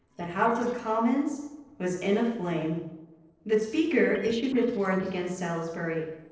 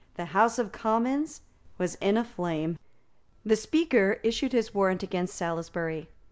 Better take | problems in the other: second | noise reduction (neural separator model SepFormer DNS4)

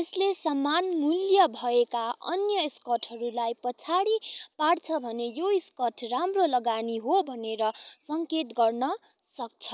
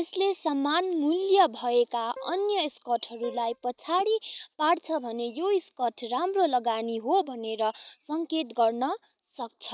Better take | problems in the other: first | noise reduction (neural mask model RNNoise)

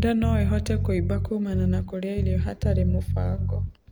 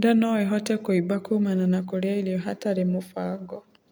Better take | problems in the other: second | background sound (Bass guitar); 3 dB above the speech

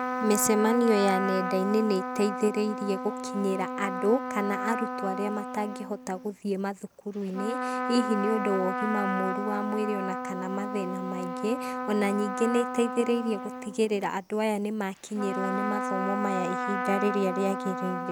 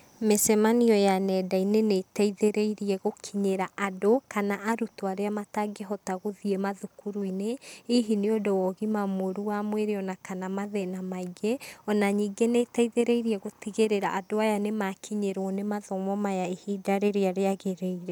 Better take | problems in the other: second | background sound (Trumpet); 4 dB below the speech

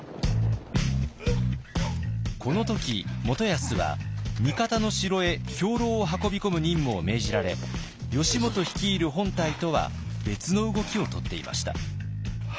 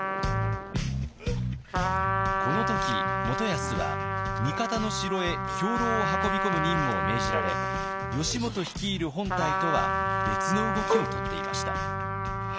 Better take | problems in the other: first | background sound (Trumpet + Marimba, xylophone); 1 dB above the speech

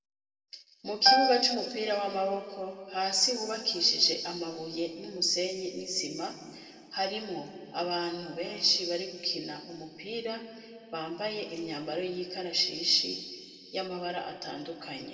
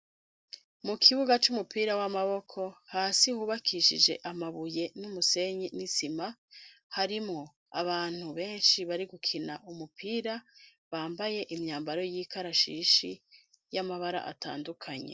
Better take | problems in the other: second | background sound (Piano); 2 dB above the speech // room echo; dies away in 1.9 s

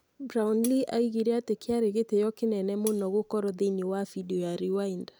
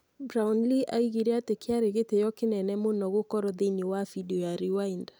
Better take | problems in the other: second | background sound (Cutlery, silverware); 15 dB below the speech

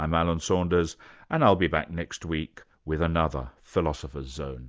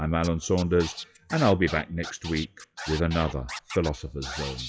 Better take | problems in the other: first | noise reduction (classical method WPE with log-MMSE)

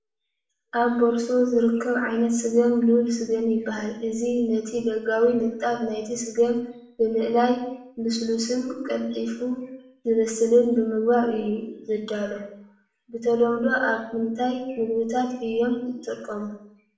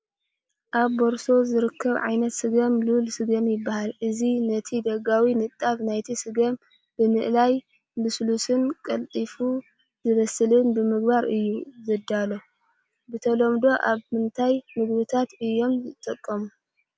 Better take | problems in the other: second | room echo; dies away in 0.6 s

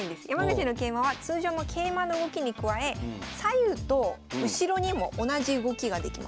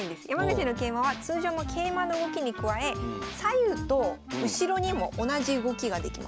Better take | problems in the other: first | background sound (Wind instrument, woodwind instrument); 13 dB below the speech

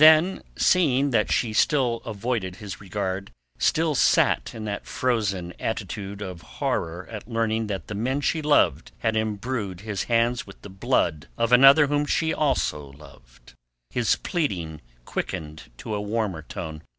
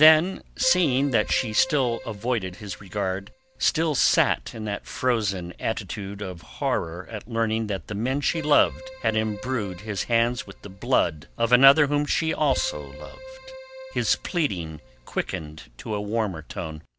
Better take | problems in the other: first | background sound (Keyboard (musical)); 17 dB below the speech

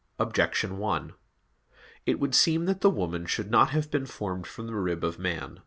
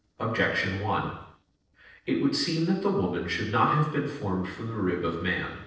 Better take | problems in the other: first | noise reduction (neural separator model SepFormer DNS4)

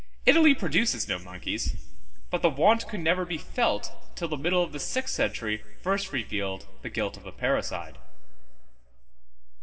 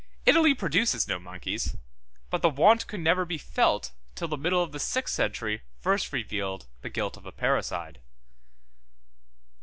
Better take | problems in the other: second | room echo; dies away in 1.6 s

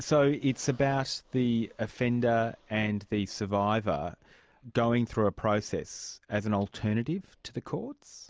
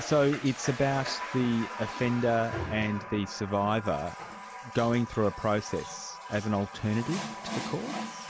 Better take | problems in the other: first | background sound (Water tap, faucet); 10 dB below the speech

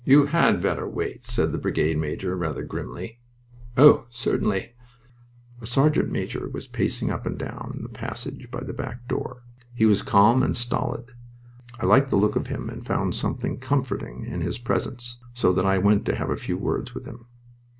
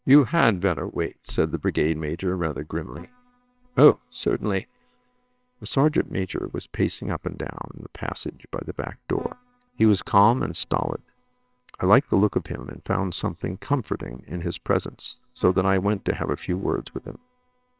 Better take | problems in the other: first | noise reduction (neural separator model SepFormer WHAMR!)

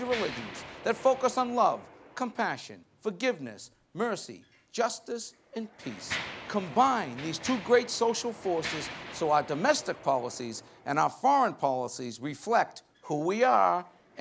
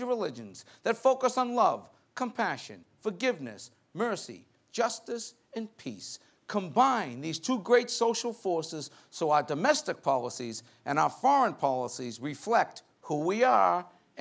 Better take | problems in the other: second | background sound (Mechanisms); 15 dB below the speech

